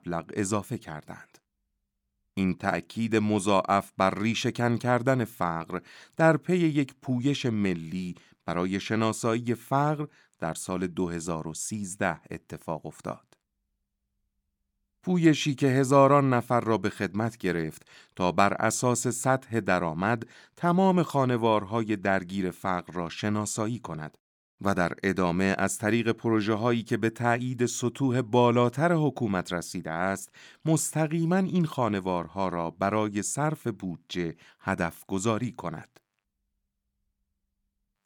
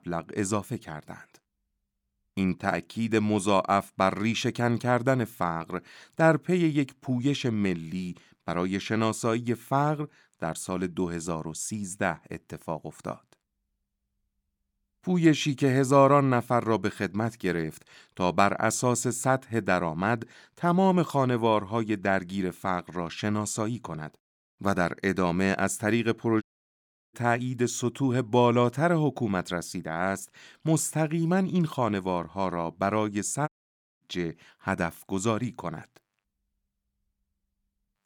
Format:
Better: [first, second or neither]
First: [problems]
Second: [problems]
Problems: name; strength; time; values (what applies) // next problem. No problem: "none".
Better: first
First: none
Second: audio cutting out; at 26 s for 0.5 s and at 33 s for 0.5 s